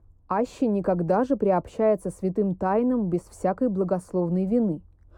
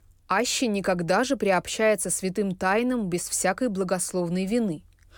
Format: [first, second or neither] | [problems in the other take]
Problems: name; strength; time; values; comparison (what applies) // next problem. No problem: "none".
second | muffled; very; fading above 1 kHz